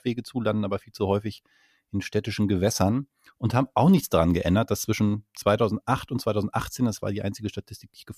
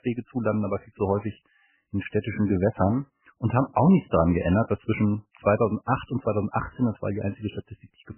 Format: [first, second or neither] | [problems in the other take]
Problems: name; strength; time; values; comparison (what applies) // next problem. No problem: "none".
first | garbled, watery; badly; nothing above 3 kHz